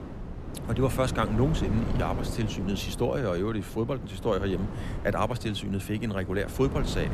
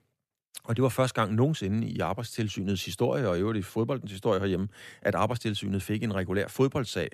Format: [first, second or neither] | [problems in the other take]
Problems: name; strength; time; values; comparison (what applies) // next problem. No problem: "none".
second | wind noise on the microphone; occasional gusts; 10 dB below the speech